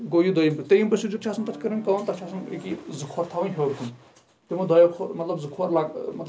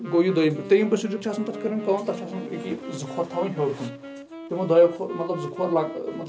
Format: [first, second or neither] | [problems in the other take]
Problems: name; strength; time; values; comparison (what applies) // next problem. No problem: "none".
first | background sound (Wind instrument, woodwind instrument); 12 dB below the speech